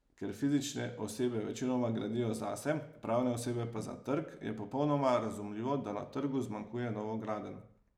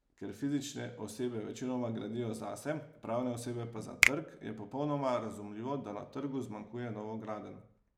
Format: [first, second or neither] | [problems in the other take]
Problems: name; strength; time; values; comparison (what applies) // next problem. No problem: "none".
first | background sound (Finger snapping); 3 dB above the speech